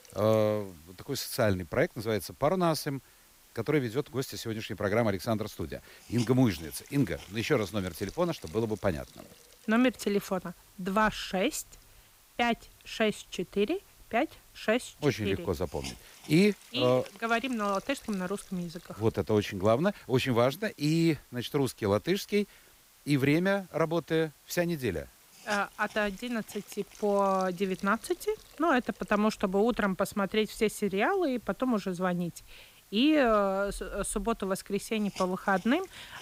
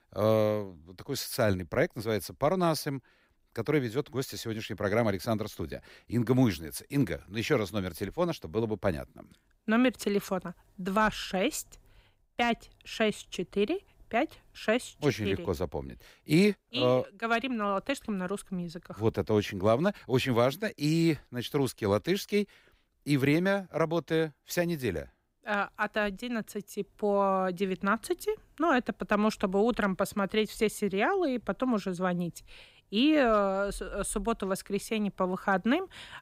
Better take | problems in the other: second | hiss; faint; throughout; 20 dB below the speech

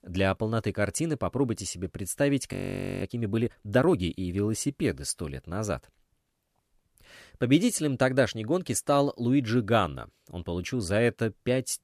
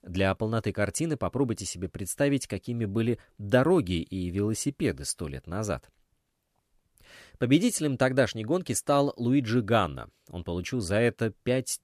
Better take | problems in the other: second | audio freezing; at 2.5 s

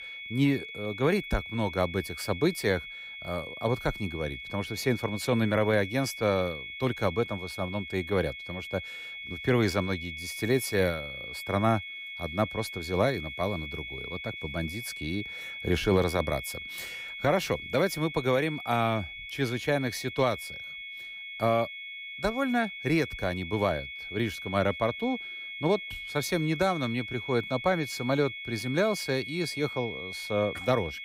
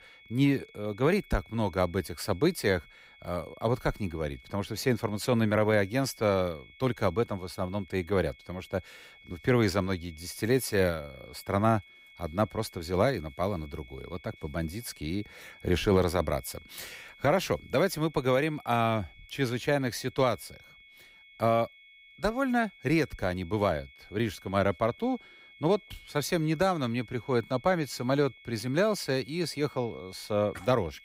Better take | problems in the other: second | high-pitched whine; loud; throughout; 2 kHz, 8 dB below the speech; faint in the second

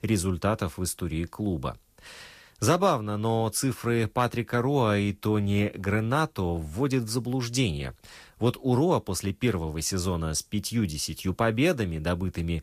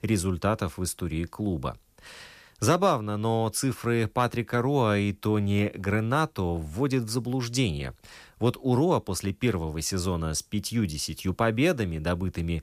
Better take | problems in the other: second | garbled, watery; slightly; nothing above 14.5 kHz

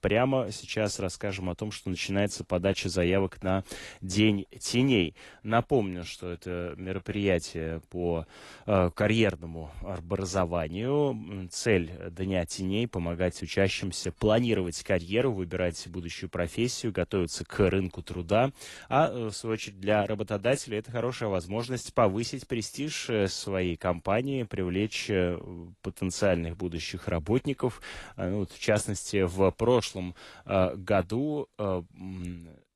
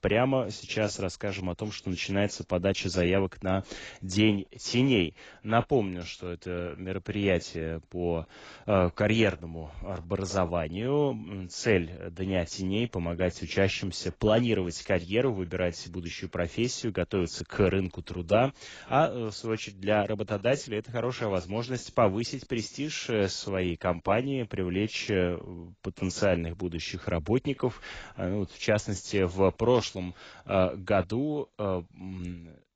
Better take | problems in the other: first | garbled, watery; badly; nothing above 7.5 kHz; slightly in the first

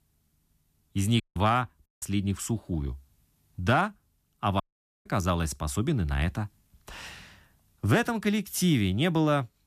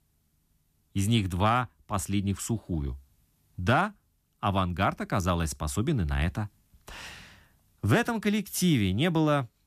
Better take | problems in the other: second | audio cutting out; at 1 s, at 2 s and at 4.5 s

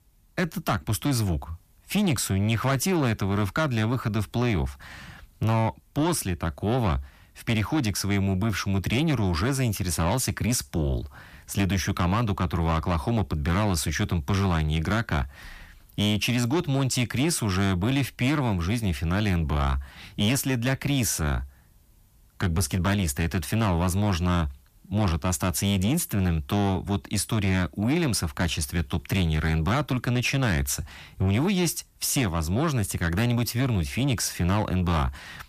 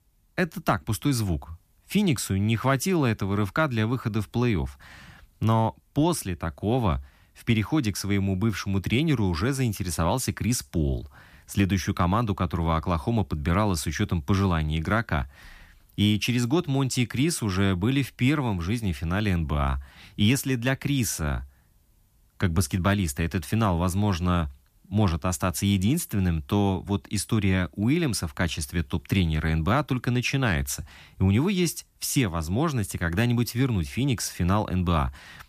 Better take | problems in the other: second | distortion; slight; 10 dB below the speech

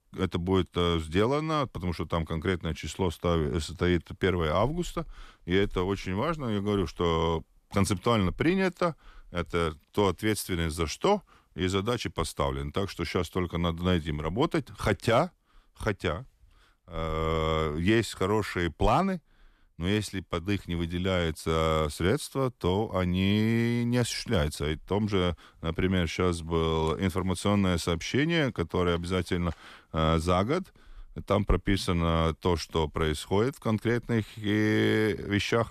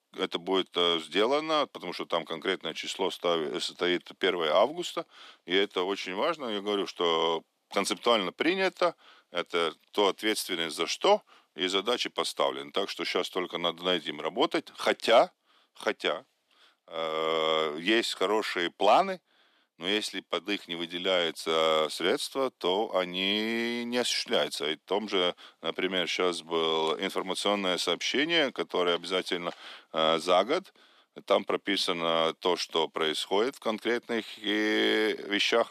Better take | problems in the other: first | thin; somewhat; fading below 250 Hz

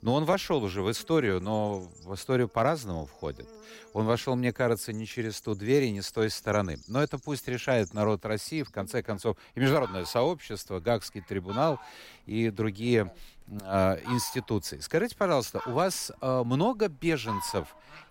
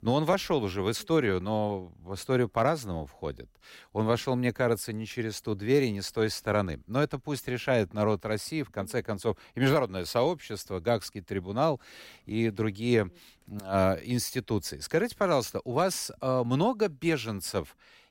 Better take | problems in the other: second | animal sounds; noticeable; throughout; 15 dB below the speech

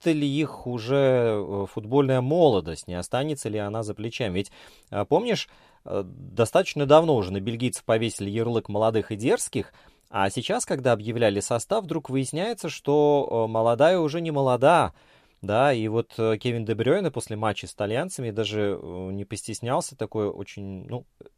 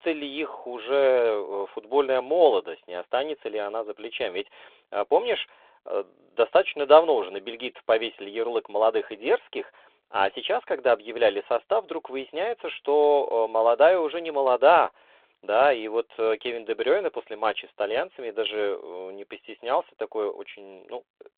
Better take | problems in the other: first | phone-call audio

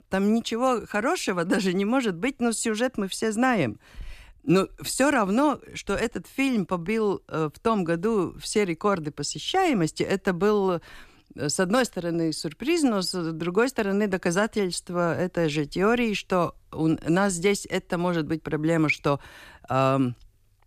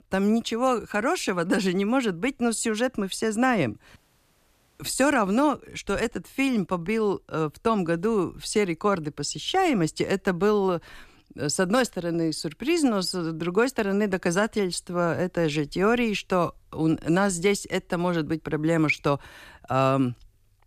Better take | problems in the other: first | audio cutting out; at 4 s for 1 s

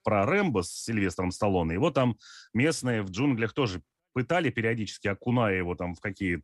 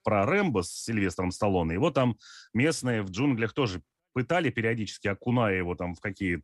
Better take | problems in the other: neither | none

